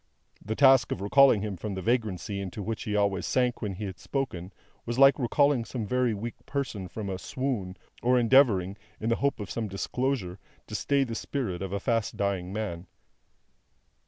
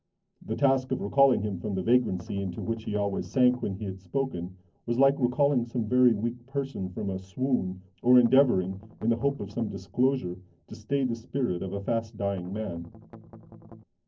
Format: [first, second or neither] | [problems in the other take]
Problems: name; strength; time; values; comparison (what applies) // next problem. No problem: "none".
first | noise reduction (neural separator model SepFormer DNS4)